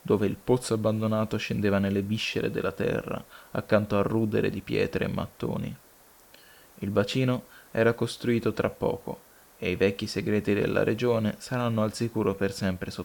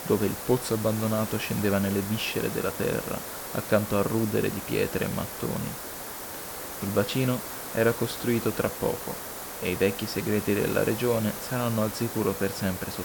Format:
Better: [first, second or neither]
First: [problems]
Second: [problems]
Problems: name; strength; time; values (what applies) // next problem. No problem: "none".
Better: first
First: hiss; faint; throughout; 25 dB below the speech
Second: hiss; loud; throughout; 7 dB below the speech